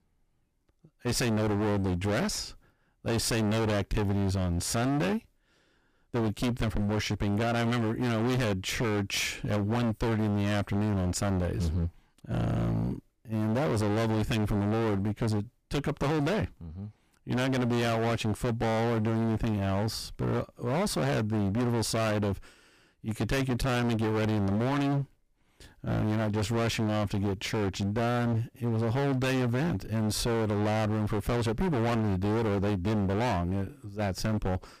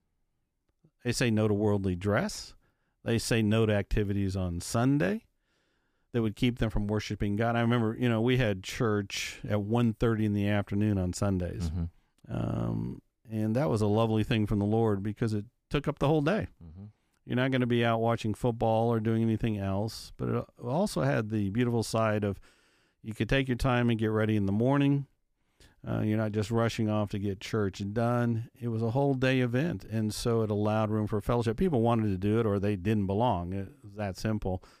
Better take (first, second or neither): second